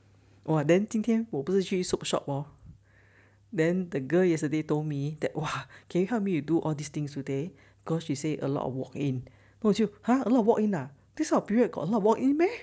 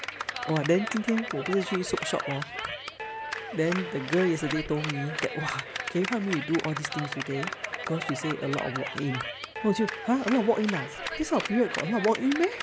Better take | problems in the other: first | background sound (Clapping); 6 dB below the speech

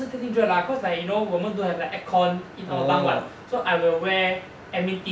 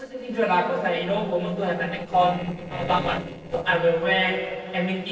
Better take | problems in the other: first | noise reduction (neural separator model SepFormer DNS4)

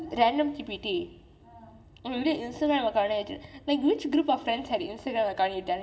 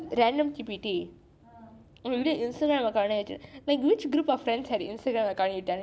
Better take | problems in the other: second | room echo; dies away in 0.7 s

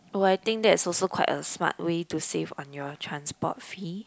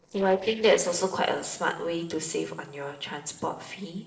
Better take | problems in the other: first | noise reduction (neural separator model SepFormer DNS4)

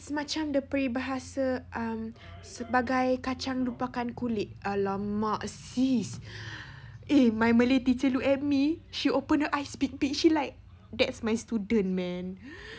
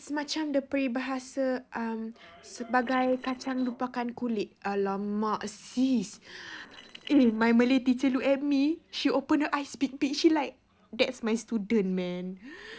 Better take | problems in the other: first | noise reduction (neural separator model SepFormer DNS4)

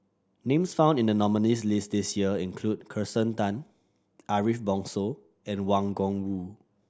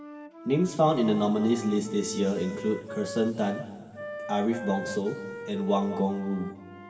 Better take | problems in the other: first | background sound (Wind instrument, woodwind instrument); 12 dB below the speech // room echo; dies away in 2.5 s

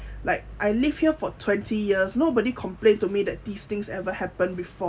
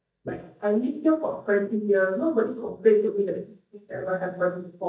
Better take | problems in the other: first | noise reduction (neural mask model DeepFilterNet 3)

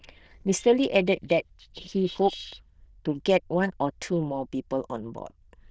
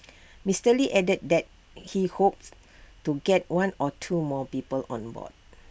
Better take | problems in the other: second | noise reduction (neural diffusion model UNIVERSE++)

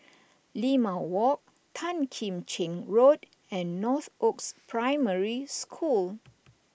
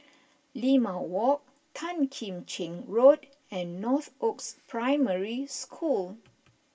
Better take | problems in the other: first | room echo; dies away in 0.1 s

